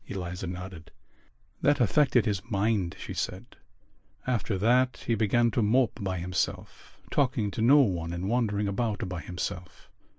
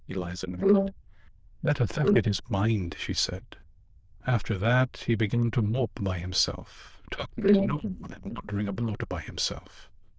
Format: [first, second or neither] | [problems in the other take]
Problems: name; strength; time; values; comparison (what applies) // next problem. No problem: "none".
first | noise reduction (neural diffusion model UNIVERSE++)